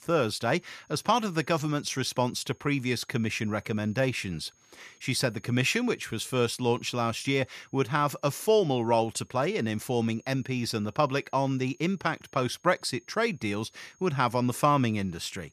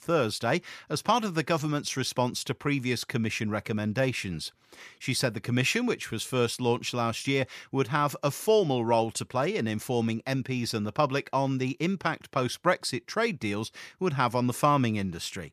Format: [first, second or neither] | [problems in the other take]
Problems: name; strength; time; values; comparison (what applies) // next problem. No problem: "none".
second | high-pitched whine; faint; throughout; 6.5 kHz, 35 dB below the speech